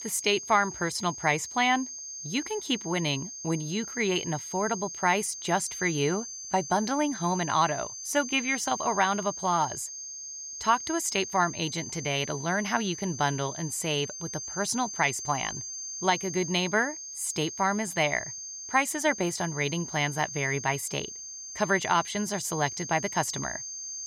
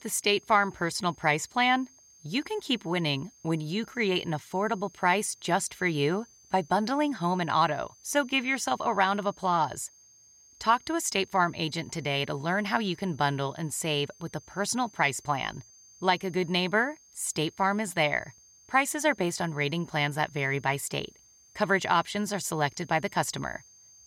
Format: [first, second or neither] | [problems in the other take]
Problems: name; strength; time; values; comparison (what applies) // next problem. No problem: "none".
second | high-pitched whine; loud; throughout; 6.5 kHz, 8 dB below the speech; faint in the second